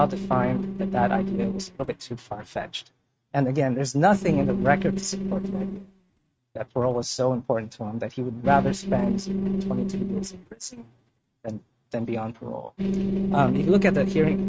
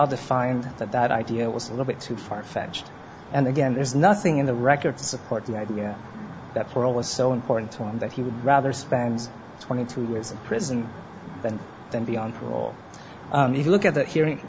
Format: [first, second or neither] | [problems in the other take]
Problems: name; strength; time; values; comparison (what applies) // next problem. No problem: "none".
second | noise reduction (neural mask model RNNoise)